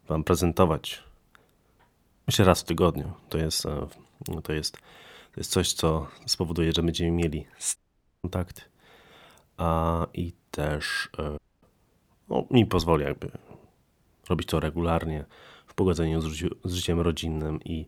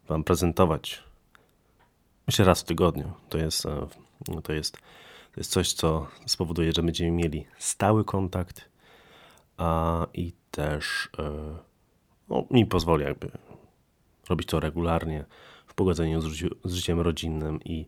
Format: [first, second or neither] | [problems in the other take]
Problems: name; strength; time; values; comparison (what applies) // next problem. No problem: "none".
second | audio cutting out; at 8 s and at 11 s